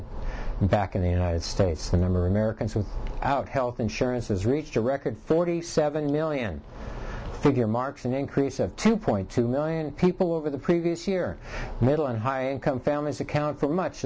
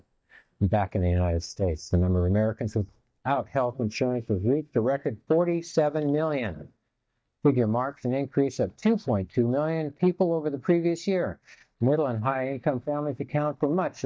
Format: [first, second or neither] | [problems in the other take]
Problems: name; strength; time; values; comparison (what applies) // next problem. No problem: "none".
first | noise reduction (neural mask model DeepFilterNet 3)